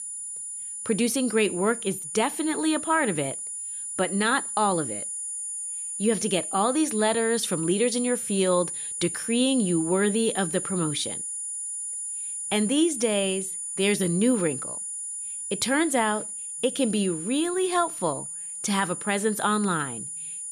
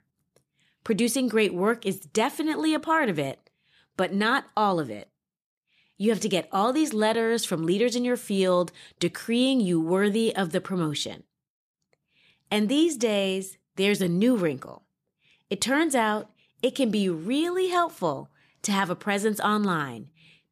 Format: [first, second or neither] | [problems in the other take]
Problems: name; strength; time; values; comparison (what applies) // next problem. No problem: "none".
second | high-pitched whine; loud; throughout; 9.5 kHz, 5 dB below the speech